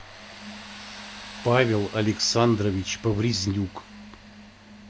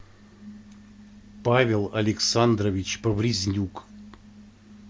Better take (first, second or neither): second